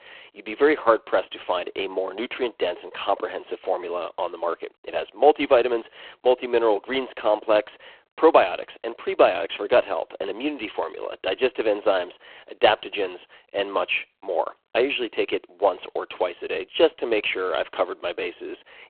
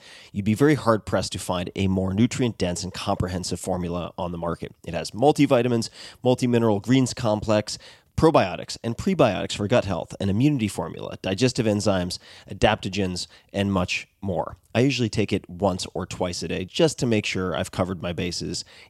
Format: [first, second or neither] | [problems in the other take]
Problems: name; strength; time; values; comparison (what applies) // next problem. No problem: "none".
second | phone-call audio; poor line